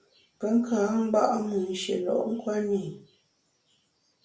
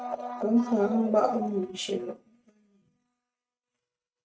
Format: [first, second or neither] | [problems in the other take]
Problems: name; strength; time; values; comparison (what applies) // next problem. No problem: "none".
first | noise reduction (neural mask model RNNoise)